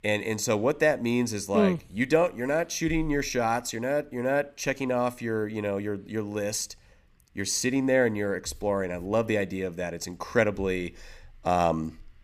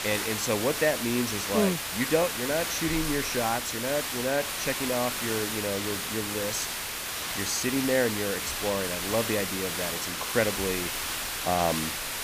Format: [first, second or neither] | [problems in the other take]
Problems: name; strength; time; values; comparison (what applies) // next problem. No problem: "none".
first | hiss; loud; throughout; 1 dB below the speech